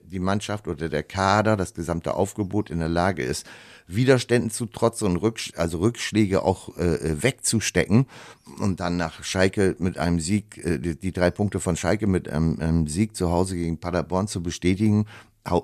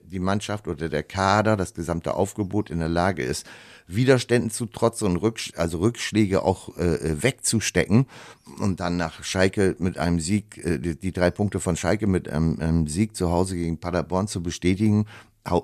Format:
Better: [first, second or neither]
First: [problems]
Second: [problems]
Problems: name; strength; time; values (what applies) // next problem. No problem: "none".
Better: neither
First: none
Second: none